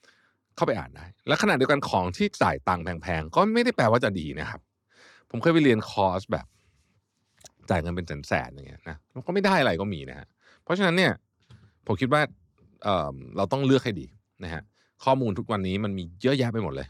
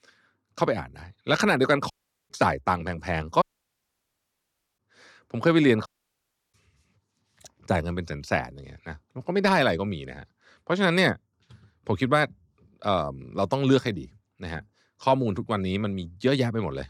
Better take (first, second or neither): first